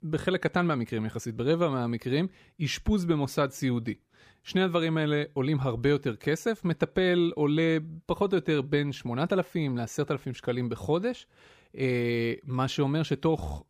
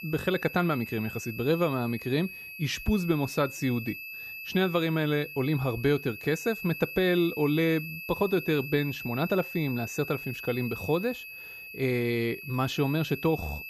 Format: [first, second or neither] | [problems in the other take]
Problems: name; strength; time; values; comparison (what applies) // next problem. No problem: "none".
first | high-pitched whine; loud; throughout; 2.5 kHz, 10 dB below the speech